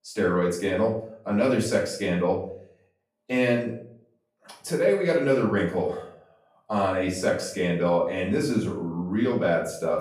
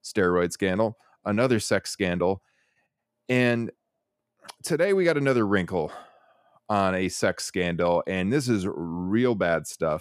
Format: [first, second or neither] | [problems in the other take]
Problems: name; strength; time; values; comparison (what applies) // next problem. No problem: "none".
second | off-mic speech; far // room echo; noticeable; dies away in 0.4 s